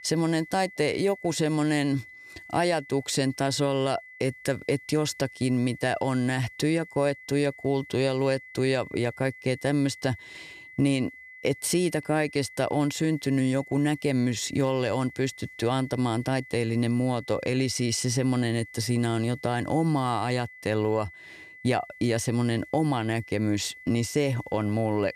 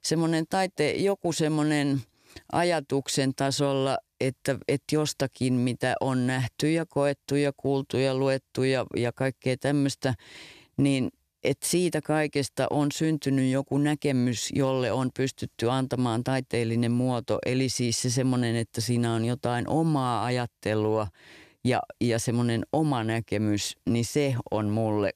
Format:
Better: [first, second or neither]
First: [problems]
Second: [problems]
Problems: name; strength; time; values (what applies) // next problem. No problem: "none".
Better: second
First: high-pitched whine; noticeable; throughout; 2 kHz, 20 dB below the speech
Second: none